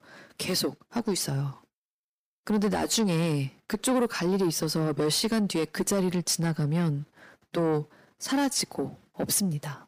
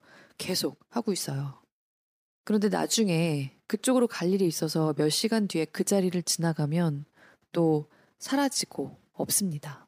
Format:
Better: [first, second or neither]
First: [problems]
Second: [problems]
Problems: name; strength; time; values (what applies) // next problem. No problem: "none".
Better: second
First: distortion; slight; 10 dB below the speech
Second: none